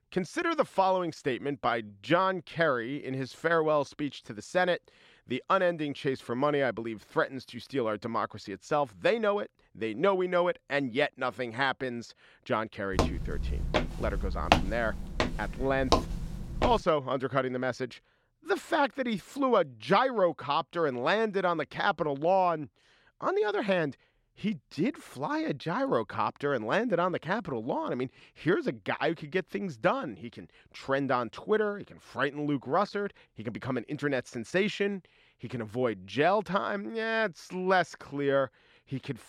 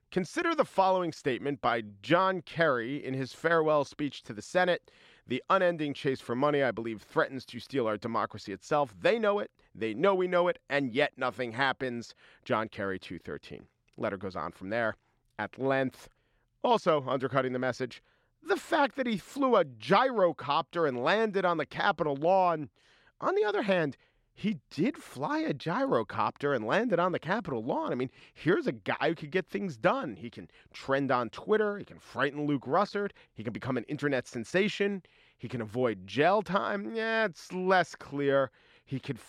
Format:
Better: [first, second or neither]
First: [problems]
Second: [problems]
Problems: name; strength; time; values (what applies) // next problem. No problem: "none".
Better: second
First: footsteps; loud; from 13 to 17 s; peak 3 dB above the speech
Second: none